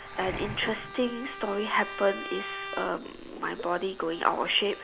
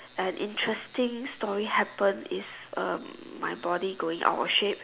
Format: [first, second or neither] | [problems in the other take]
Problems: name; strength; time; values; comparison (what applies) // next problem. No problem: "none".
second | background sound (Waves, surf + Trumpet); 10 dB below the speech